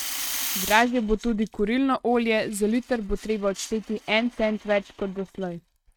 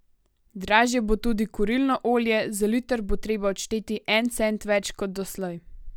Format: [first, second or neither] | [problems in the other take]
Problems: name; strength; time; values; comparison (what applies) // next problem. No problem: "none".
second | noise reduction (neural mask model RNNoise)